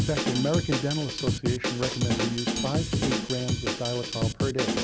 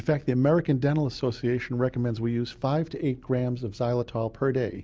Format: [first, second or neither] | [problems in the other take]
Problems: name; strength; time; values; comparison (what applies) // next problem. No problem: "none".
second | background sound (Drum kit); 2 dB above the speech